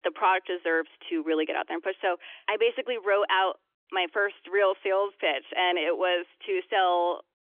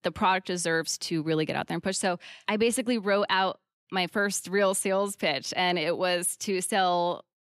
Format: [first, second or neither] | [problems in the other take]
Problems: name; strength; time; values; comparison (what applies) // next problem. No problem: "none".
second | phone-call audio; nothing above 3.5 kHz